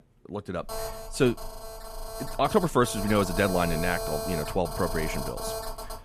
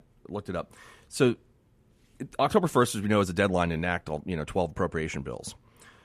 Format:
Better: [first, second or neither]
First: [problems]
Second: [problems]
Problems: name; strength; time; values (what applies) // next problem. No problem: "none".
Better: second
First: phone ringing; noticeable; from 0.5 s on; peak 4 dB below the speech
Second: none